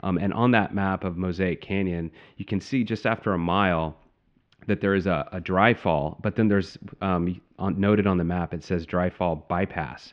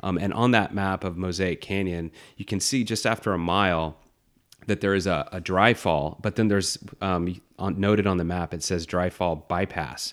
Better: second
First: muffled; very; fading above 3 kHz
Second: none

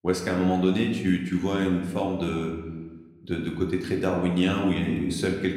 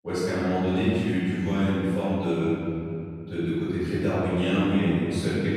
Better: first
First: room echo; slight; dies away in 1.1 s // off-mic speech; somewhat distant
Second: room echo; strong; dies away in 2.8 s // off-mic speech; far

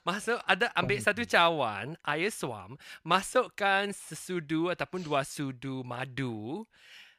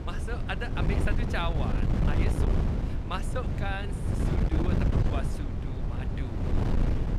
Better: first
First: none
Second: wind noise on the microphone; heavy; 1 dB below the speech

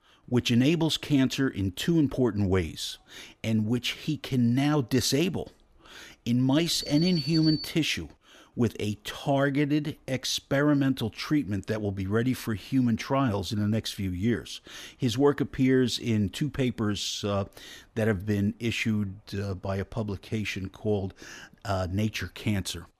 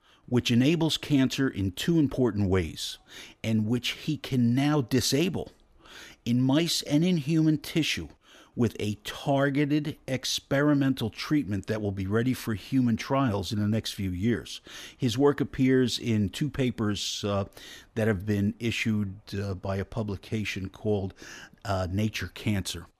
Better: second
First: alarm; noticeable; from 6.5 to 7.5 s; peak 4 dB below the speech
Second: none

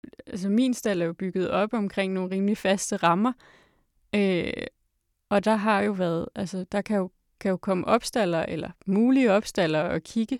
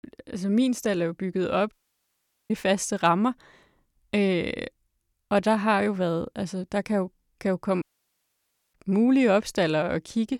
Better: first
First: none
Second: audio cutting out; at 1.5 s for 1 s and at 8 s for 1 s

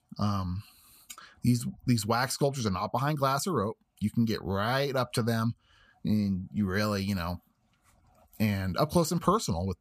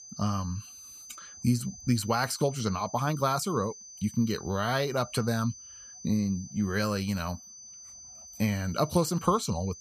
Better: first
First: none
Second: high-pitched whine; noticeable; throughout; 6 kHz, 15 dB below the speech

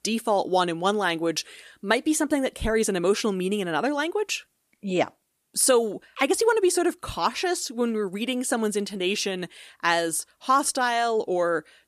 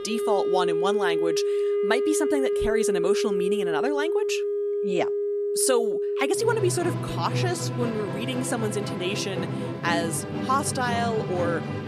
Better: first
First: none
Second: background music; very loud; throughout; as loud as the speech

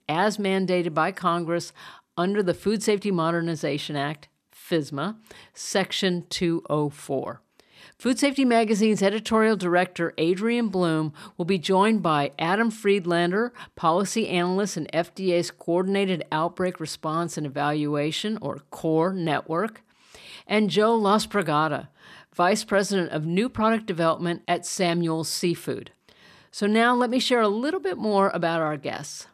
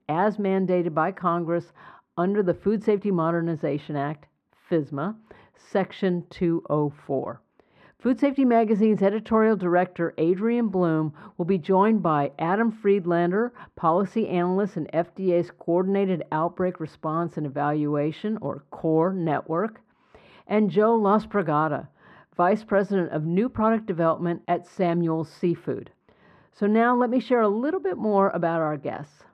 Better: first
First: none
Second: muffled; very; fading above 3 kHz

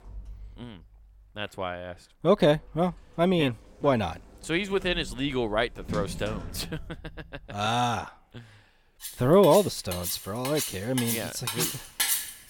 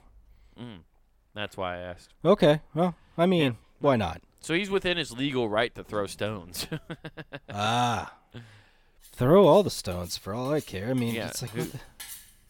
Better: second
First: household noises; loud; throughout; 6 dB below the speech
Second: household noises; faint; throughout; 20 dB below the speech

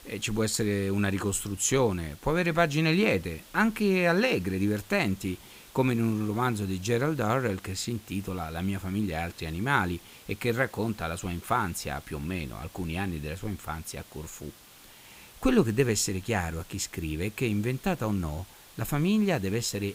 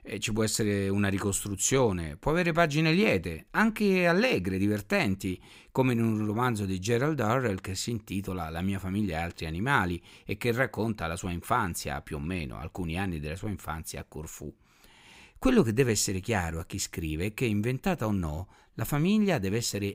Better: second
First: hiss; faint; throughout; 20 dB below the speech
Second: none

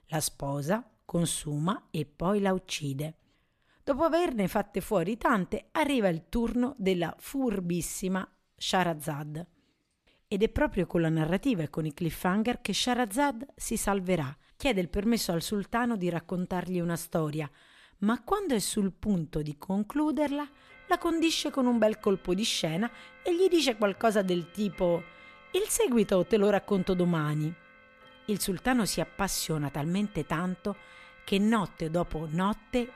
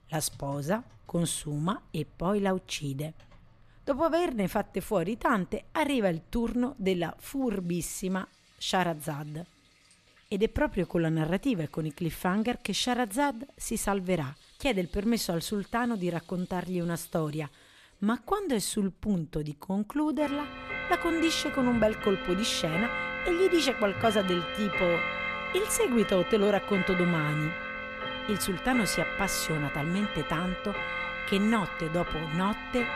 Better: first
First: household noises; faint; throughout; 25 dB below the speech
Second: household noises; loud; throughout; 4 dB below the speech

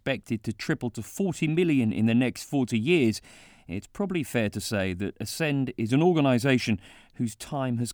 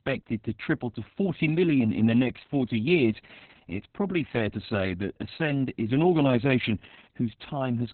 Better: first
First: none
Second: garbled, watery; badly; nothing above 4 kHz

